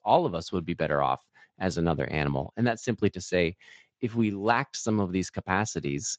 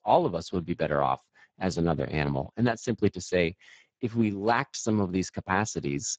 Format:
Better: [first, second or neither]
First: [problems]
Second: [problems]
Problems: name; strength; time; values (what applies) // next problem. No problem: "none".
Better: first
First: garbled, watery; slightly; nothing above 7.5 kHz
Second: garbled, watery; badly; nothing above 7.5 kHz